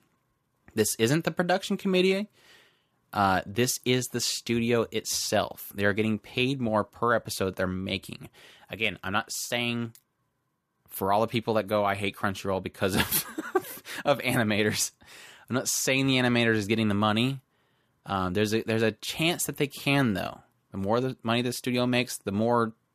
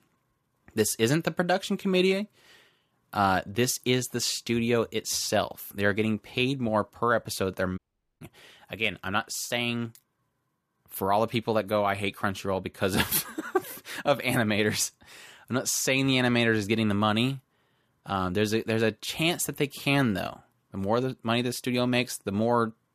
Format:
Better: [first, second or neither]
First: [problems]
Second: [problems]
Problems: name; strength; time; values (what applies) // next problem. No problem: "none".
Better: first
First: none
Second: audio cutting out; at 8 s